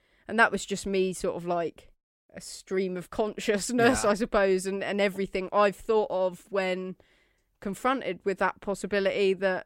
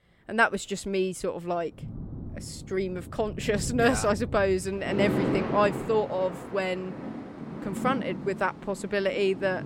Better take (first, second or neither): first